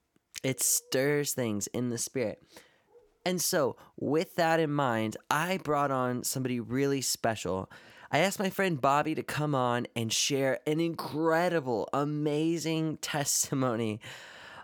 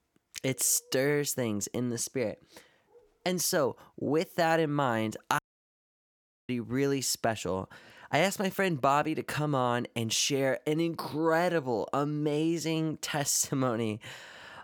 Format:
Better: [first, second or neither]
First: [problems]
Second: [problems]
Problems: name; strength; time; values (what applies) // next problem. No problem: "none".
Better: first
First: none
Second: audio cutting out; at 5.5 s for 1 s